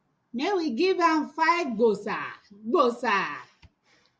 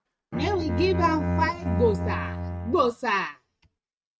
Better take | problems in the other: first | noise reduction (neural mask model RNNoise)

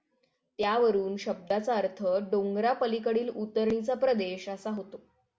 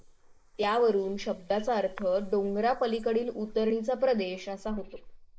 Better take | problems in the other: first | noise reduction (neural mask model Resemble Enhance denoiser)

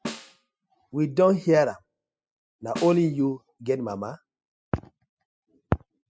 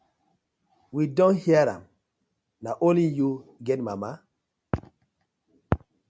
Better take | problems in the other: second | noise reduction (classical method spectral subtraction)

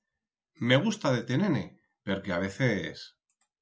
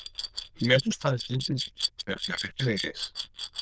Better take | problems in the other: first | noise reduction (neural diffusion model UNIVERSE++)

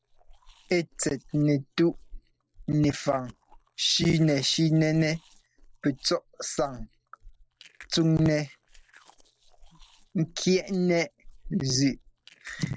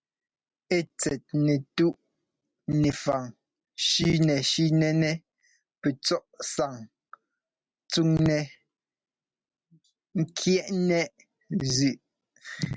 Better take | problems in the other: second | noise reduction (neural separator model SepFormer DNS4)

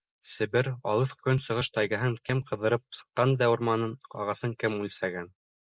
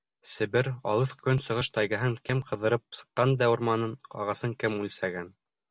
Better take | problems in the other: second | noise reduction (neural mask model Resemble Enhance denoiser)

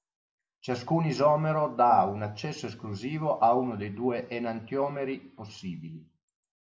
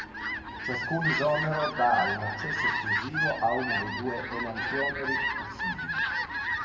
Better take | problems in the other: first | background sound (Fowl); 1 dB above the speech // room echo; dies away in 2 s

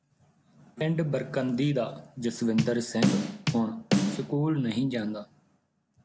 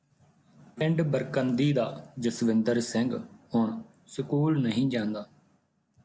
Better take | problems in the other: second | background sound (Bass drum / Snare drum); 2 dB above the speech

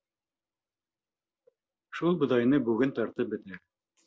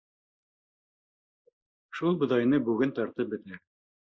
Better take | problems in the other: first | noise reduction (neural mask model Resemble Enhance denoiser)

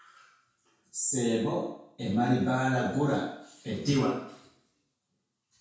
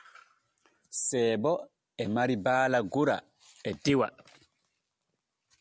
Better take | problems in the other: second | room echo; dies away in 0.6 s

